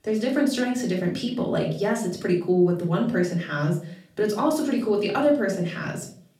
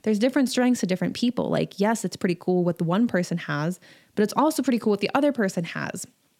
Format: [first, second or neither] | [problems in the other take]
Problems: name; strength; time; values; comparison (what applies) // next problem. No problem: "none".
second | off-mic speech; far // room echo; slight; dies away in 0.4 s